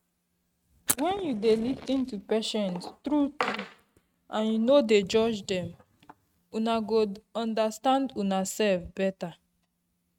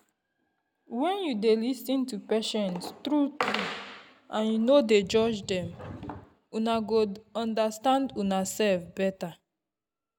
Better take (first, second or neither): second